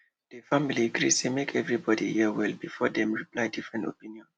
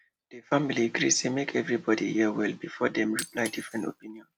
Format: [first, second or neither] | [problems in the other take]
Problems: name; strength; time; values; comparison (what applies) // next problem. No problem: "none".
first | background sound (Shatter); 20 dB below the speech